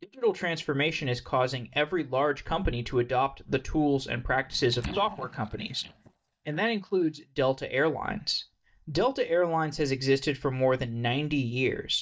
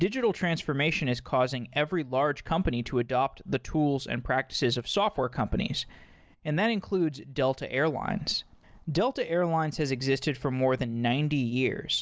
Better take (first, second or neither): second